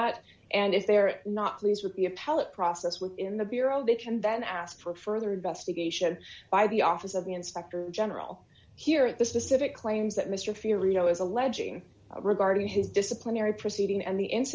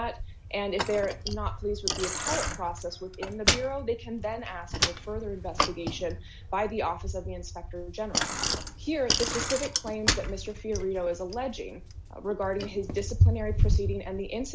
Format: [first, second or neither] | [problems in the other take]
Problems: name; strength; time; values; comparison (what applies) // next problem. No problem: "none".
first | background sound (Bicycle); 2 dB above the speech